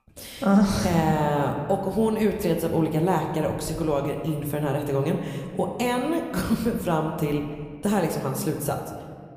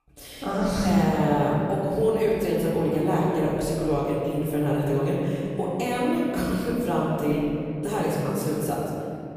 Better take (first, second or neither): first